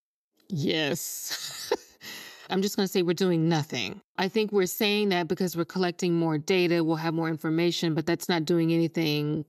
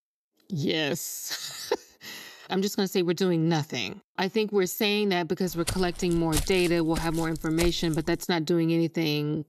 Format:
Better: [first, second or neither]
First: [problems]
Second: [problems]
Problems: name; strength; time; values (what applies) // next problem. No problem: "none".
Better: first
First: none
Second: footsteps; noticeable; from 5.5 to 8 s; peak 4 dB below the speech